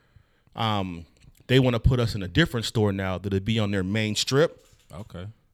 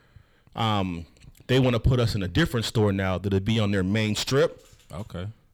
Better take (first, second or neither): first